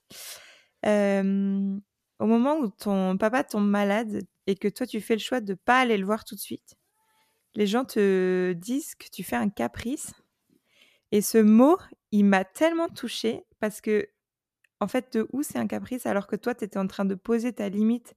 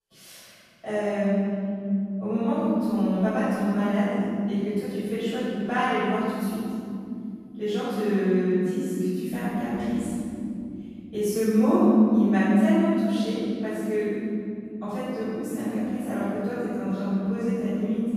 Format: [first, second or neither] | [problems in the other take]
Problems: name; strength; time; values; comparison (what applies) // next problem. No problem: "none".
first | off-mic speech; far // room echo; strong; dies away in 3 s